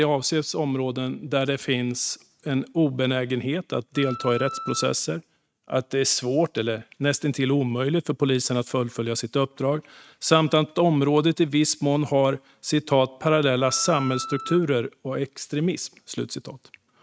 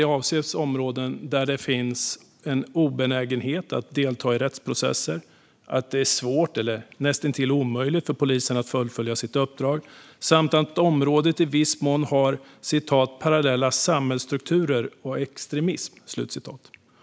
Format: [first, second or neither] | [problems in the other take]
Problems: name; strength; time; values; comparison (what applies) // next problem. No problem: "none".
second | noise reduction (neural mask model RNNoise)